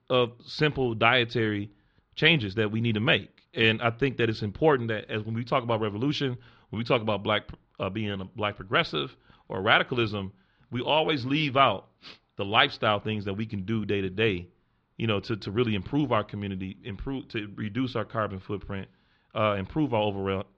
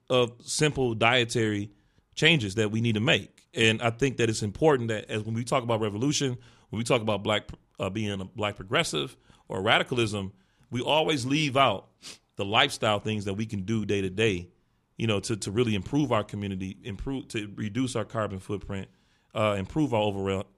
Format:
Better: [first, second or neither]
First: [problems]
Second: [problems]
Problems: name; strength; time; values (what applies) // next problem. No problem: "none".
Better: second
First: muffled; slightly; fading above 4.5 kHz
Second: none